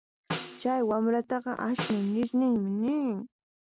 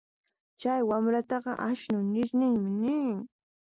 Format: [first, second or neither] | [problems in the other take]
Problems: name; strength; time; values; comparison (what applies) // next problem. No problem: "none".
second | background sound (Snare drum); 12 dB below the speech